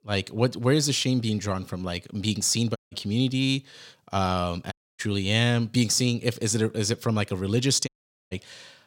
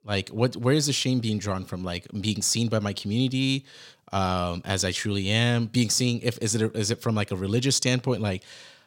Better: second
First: audio cutting out; at 3 s, at 4.5 s and at 8 s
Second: none

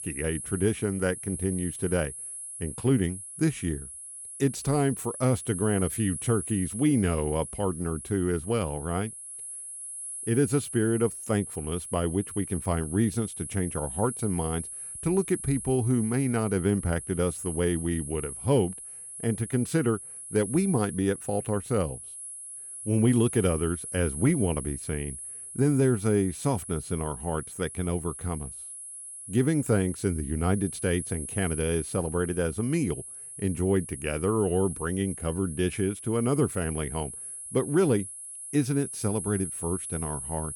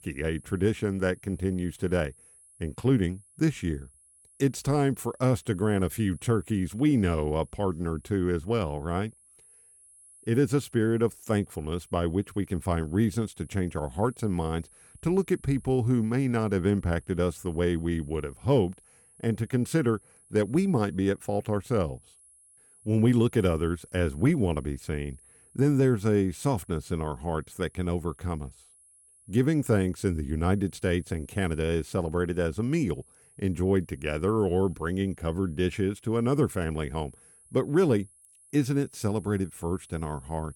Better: second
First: high-pitched whine; loud; throughout; 10.5 kHz, 8 dB below the speech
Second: high-pitched whine; faint; throughout; 10.5 kHz, 25 dB below the speech

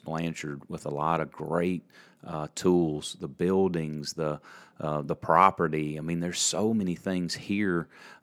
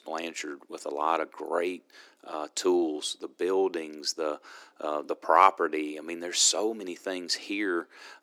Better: first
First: none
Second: thin; somewhat; fading below 300 Hz

